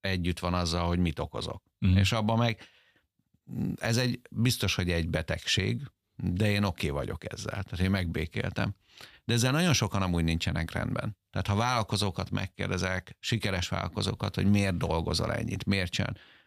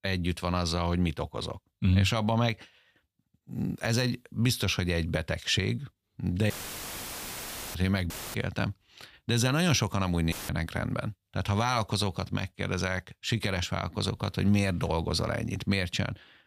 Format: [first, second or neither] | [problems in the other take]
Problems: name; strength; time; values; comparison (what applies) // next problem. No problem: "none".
first | audio cutting out; filled with static; at 6.5 s for 1.5 s, at 8 s and at 10 s